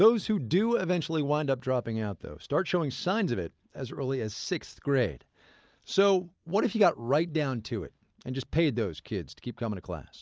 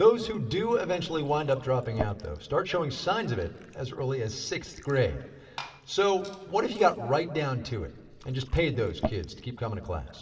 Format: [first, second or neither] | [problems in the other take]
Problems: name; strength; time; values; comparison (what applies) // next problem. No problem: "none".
first | background sound (Fill (with liquid) / Glass); 15 dB below the speech // room echo; dies away in 1.8 s